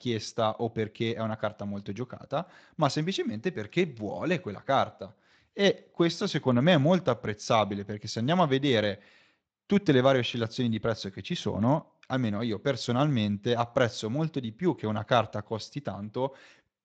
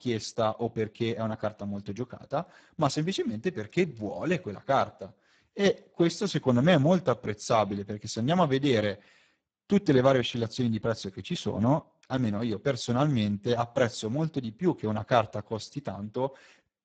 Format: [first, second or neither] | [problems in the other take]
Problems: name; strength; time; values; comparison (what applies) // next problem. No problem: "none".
first | garbled, watery; badly; nothing above 7.5 kHz; slightly in the first